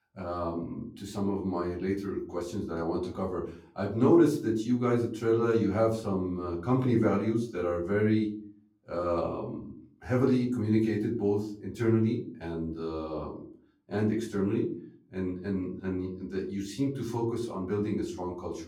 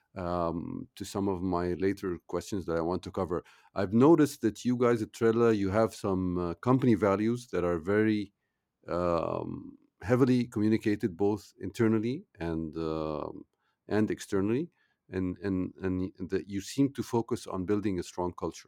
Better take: second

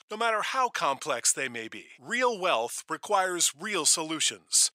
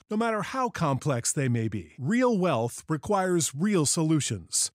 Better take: second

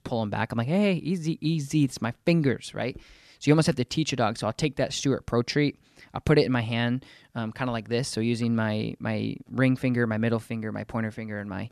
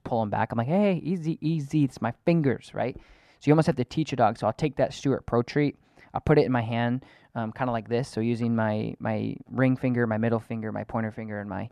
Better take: first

